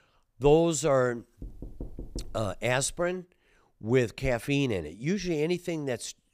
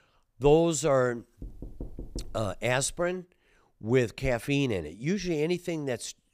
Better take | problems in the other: neither | door banging; faint; from 1.5 to 3 s; peak 15 dB below the speech; the same in both

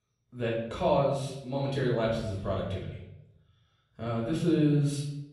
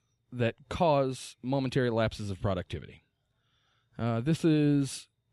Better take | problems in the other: second | off-mic speech; far // room echo; noticeable; dies away in 0.7 s

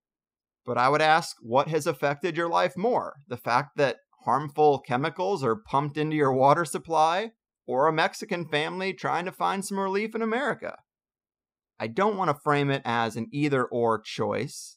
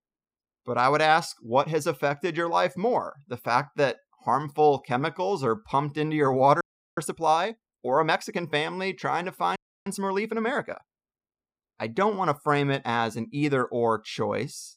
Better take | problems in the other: first | audio freezing; at 6.5 s and at 9.5 s

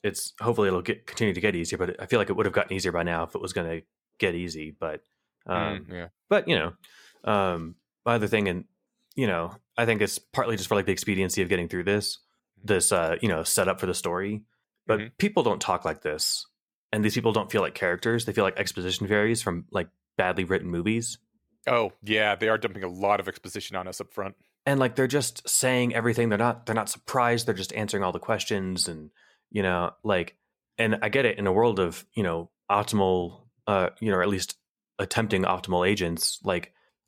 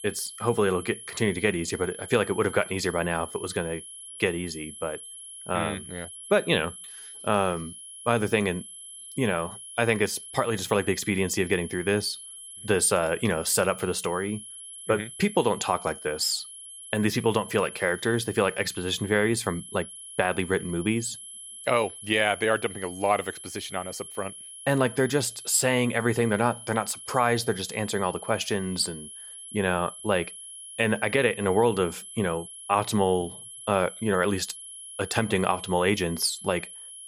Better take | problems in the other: first | high-pitched whine; noticeable; throughout; 11 kHz, 15 dB below the speech

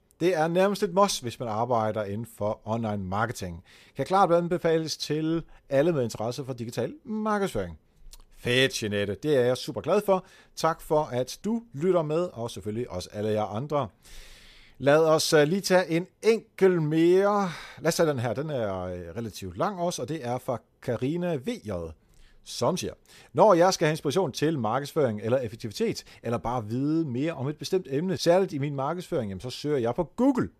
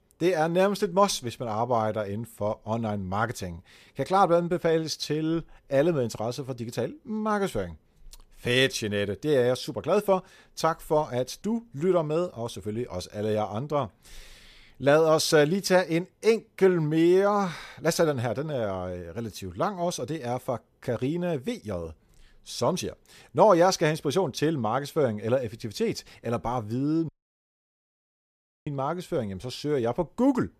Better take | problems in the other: first | audio cutting out; at 27 s for 1.5 s

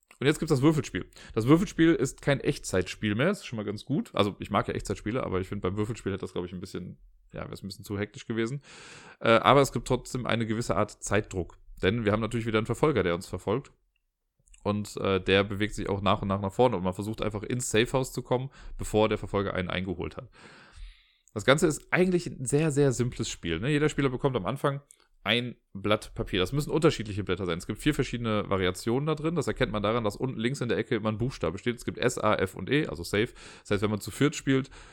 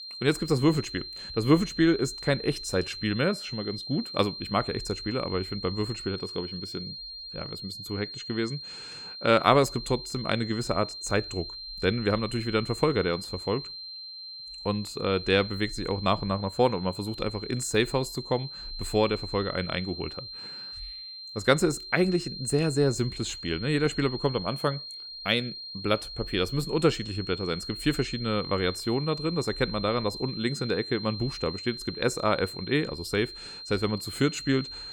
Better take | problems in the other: first | high-pitched whine; loud; throughout; 4 kHz, 9 dB below the speech

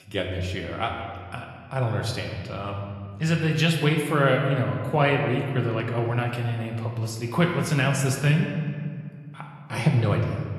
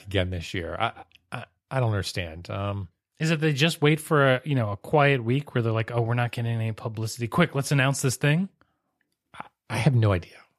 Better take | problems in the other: second | room echo; slight; dies away in 1.6 s

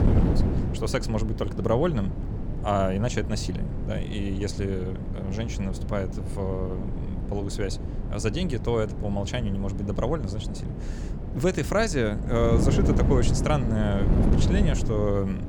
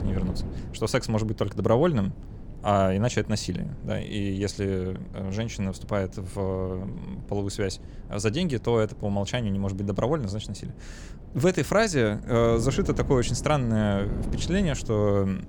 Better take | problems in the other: second | wind noise on the microphone; heavy; 8 dB below the speech; occasional gusts in the second

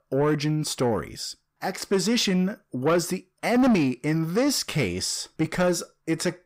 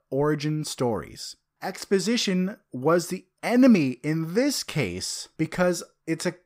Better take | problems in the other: second | distortion; slight; 10 dB below the speech

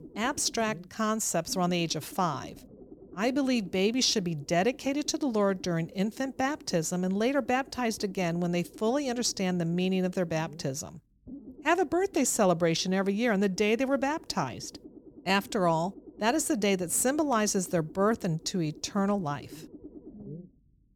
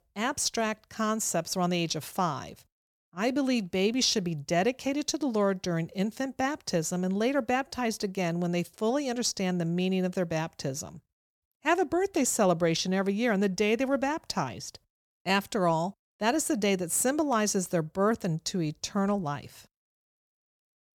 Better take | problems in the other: second | low rumble; faint; throughout; 25 dB below the speech

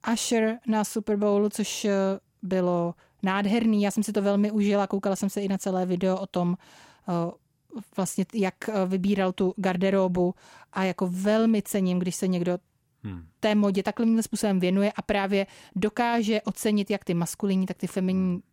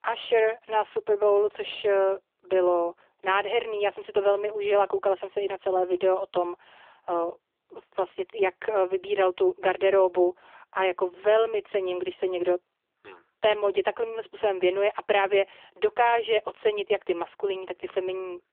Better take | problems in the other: first | phone-call audio; poor line

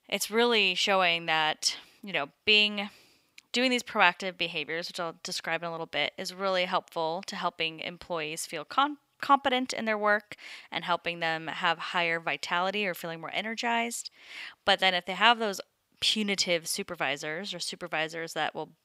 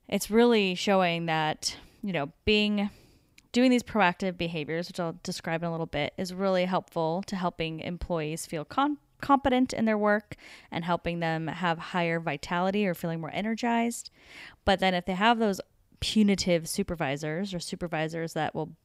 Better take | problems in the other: second | thin; somewhat; fading below 650 Hz

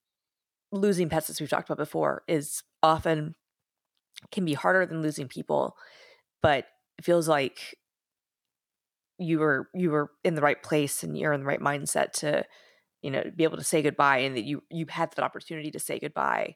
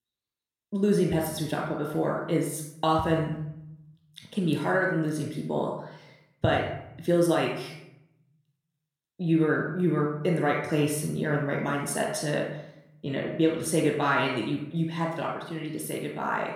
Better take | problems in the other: first | off-mic speech; somewhat distant // room echo; noticeable; dies away in 0.7 s

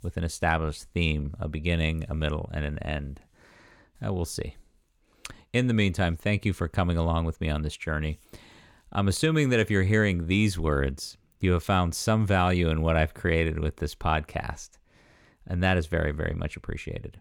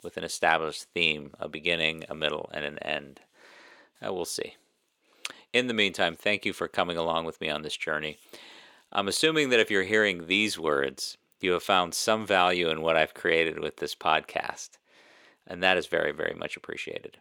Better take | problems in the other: first | thin; somewhat; fading below 400 Hz

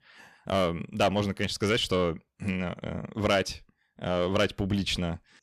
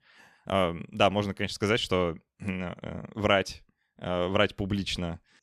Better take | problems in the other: second | distortion; slight; 10 dB below the speech

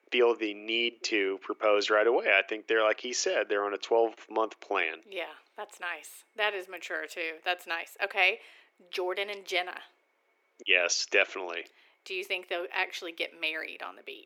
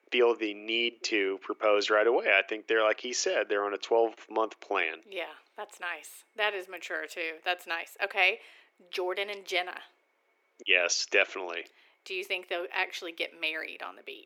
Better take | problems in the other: neither | thin; very; fading below 350 Hz; the same in both

